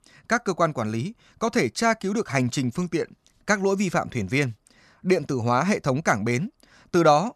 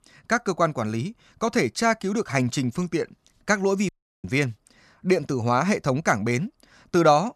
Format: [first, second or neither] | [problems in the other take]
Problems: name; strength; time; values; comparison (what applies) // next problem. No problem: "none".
first | audio cutting out; at 4 s